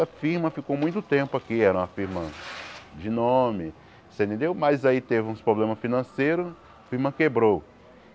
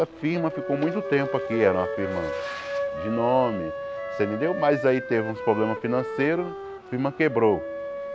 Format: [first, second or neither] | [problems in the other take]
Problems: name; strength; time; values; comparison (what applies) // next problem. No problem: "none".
first | background sound (Wind instrument, woodwind instrument + Wind instrument, woodwind instrument); 6 dB below the speech